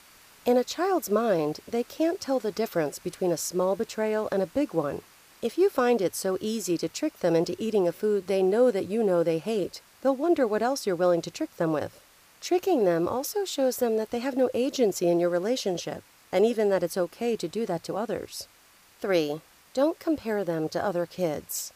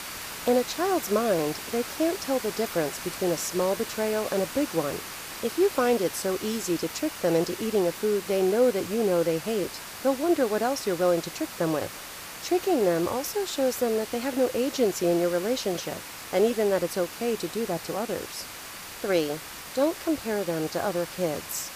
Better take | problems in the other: first | hiss; loud; throughout; 10 dB below the speech; faint in the first

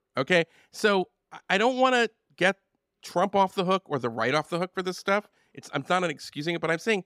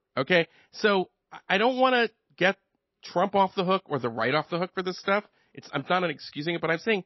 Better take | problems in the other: first | garbled, watery; slightly; nothing above 5.5 kHz

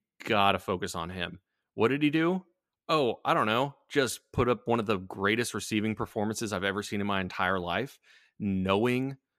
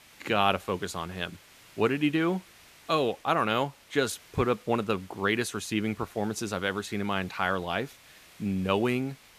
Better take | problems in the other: first | hiss; faint; throughout; 25 dB below the speech

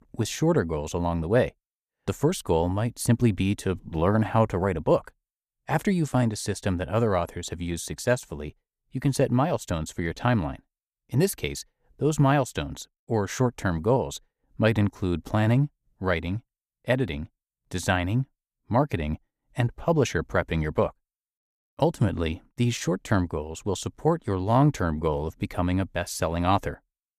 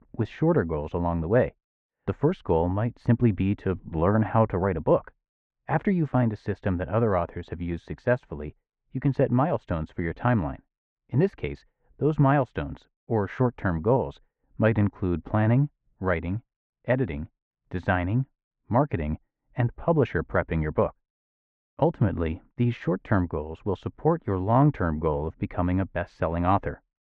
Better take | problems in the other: first | muffled; very; fading above 2 kHz

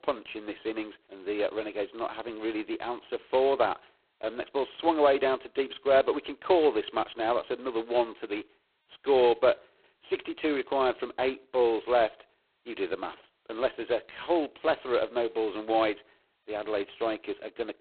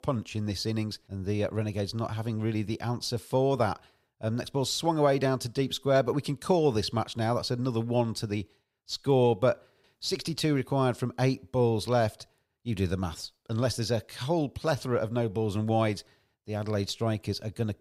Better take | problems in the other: second | phone-call audio; poor line; nothing above 4 kHz

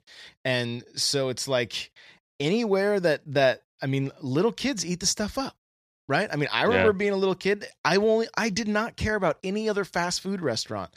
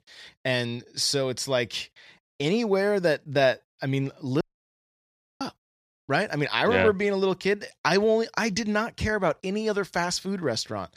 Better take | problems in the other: first | audio cutting out; at 4.5 s for 1 s

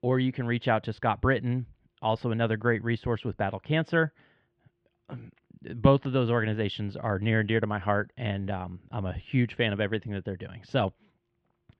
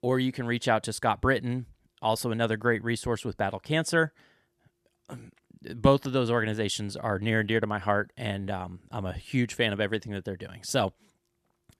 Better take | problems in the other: second | muffled; very; fading above 3 kHz

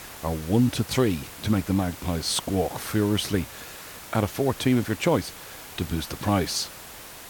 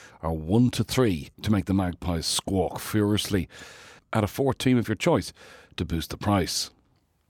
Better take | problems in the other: second | hiss; noticeable; throughout; 15 dB below the speech

